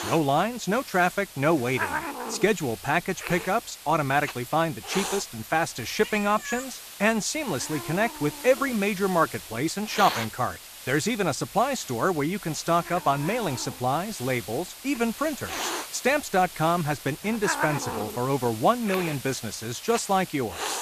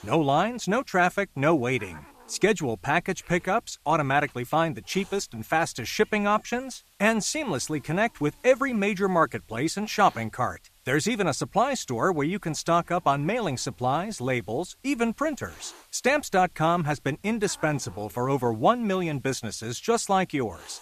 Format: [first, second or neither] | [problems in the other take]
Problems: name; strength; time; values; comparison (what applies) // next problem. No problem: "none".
second | hiss; loud; throughout; 9 dB below the speech; faint in the second